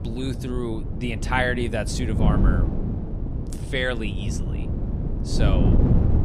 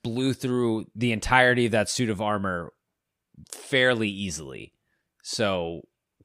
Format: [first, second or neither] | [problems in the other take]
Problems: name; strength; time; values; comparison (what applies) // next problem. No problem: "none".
second | wind noise on the microphone; heavy; 7 dB below the speech